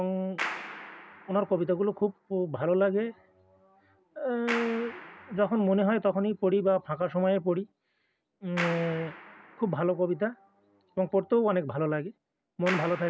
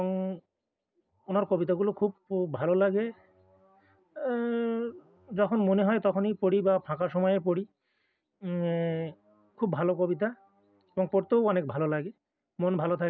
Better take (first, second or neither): second